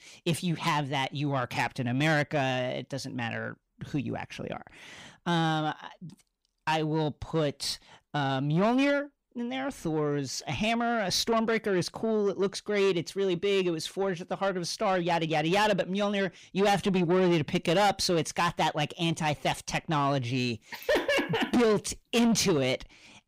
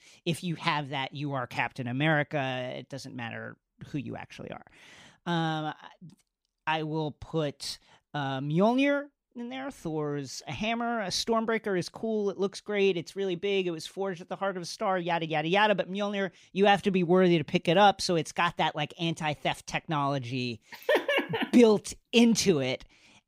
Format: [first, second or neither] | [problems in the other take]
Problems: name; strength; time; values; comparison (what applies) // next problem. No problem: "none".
second | distortion; heavy; 8 dB below the speech